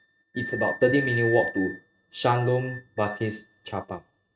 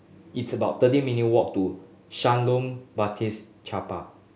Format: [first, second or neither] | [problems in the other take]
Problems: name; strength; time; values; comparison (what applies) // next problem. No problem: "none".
second | noise reduction (neural mask model RNNoise)